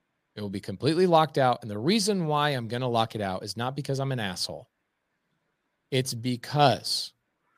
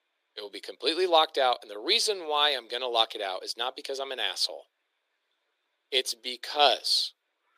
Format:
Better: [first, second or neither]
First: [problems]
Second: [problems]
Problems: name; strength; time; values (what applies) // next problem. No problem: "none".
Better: first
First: none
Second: thin; very; fading below 350 Hz